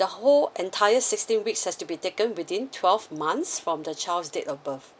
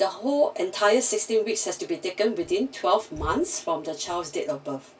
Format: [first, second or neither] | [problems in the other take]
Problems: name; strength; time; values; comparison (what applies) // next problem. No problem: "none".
first | background sound (Breathing); 19 dB below the speech // room echo; dies away in 0.1 s